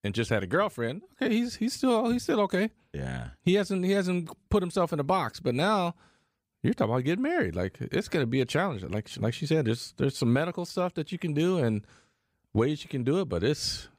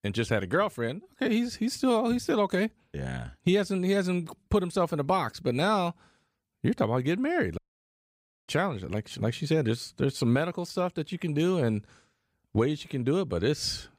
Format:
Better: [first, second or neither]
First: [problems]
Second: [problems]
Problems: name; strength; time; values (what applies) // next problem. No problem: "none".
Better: first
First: none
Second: audio cutting out; at 7.5 s for 1 s